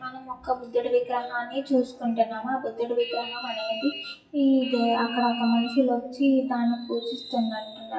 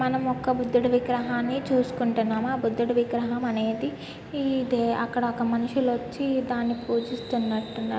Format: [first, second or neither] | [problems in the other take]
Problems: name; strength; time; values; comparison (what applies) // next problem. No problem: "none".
second | noise reduction (classical method WPE with log-MMSE)